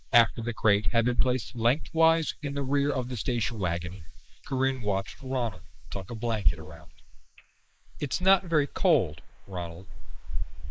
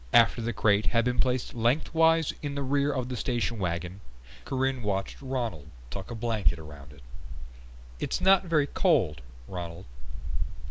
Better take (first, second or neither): second